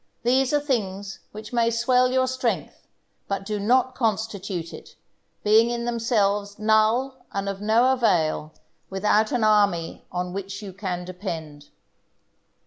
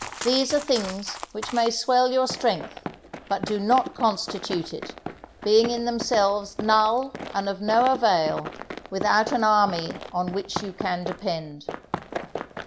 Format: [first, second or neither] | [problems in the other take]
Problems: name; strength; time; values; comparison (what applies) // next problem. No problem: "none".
first | background sound (Run); 12 dB below the speech